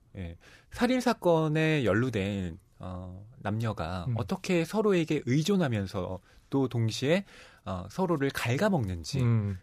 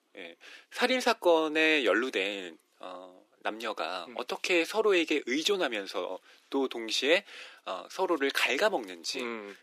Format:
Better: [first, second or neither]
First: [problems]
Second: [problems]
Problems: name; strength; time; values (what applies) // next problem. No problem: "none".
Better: first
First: none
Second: thin; somewhat; fading below 300 Hz